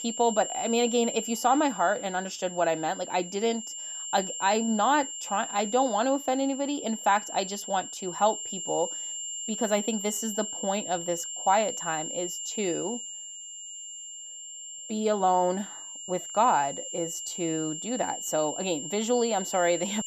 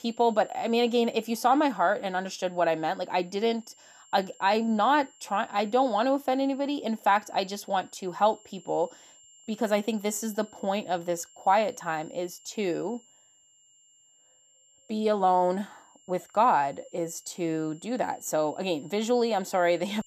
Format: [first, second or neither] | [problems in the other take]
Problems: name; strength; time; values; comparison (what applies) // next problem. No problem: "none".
second | high-pitched whine; loud; throughout; 7.5 kHz, 7 dB below the speech; faint in the second